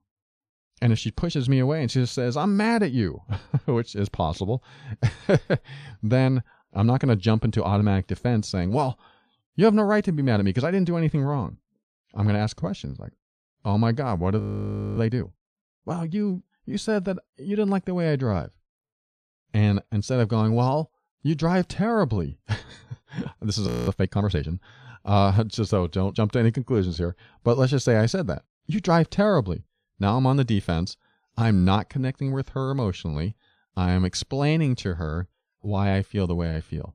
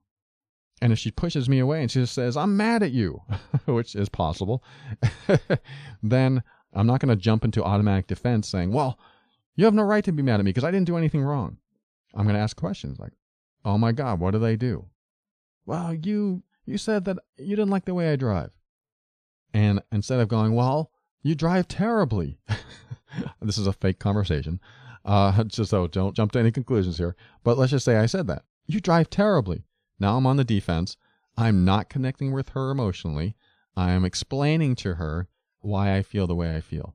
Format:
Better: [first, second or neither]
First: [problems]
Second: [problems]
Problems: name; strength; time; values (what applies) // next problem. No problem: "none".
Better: second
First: audio freezing; at 14 s for 0.5 s and at 24 s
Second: none